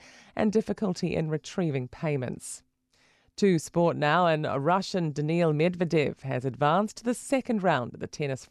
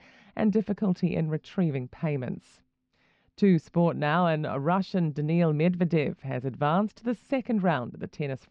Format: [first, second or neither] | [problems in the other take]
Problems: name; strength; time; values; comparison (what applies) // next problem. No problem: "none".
first | muffled; slightly; fading above 4 kHz